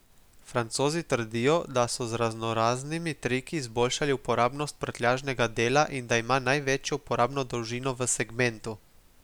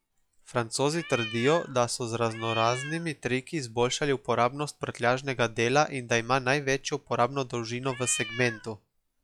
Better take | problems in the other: first | noise reduction (classical method log-MMSE)

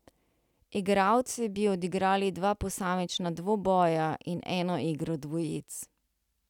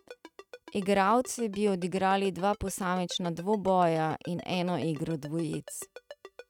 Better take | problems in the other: first | noise reduction (neural mask model RNNoise)

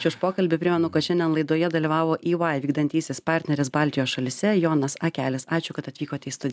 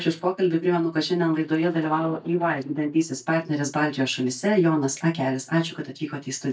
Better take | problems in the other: first | noise reduction (neural mask model DeepFilterNet 3)

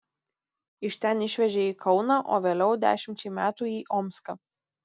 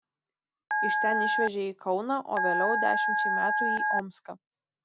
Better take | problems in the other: first | background sound (Telephone); 4 dB above the speech

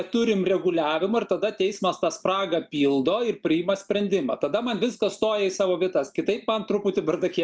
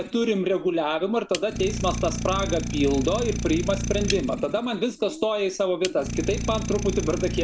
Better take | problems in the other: first | background sound (Idling); 6 dB below the speech

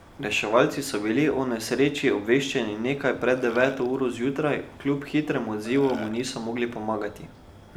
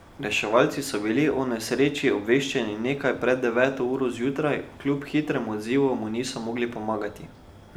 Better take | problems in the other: second | background sound (Burping, eructation); 16 dB below the speech

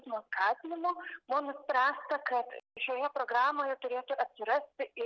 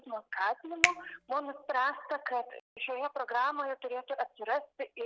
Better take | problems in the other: first | background sound (Finger snapping); 2 dB below the speech

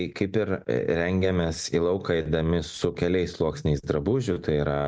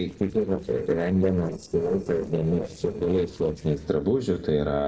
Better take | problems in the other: first | noise reduction (neural separator model SepFormer DNS4)

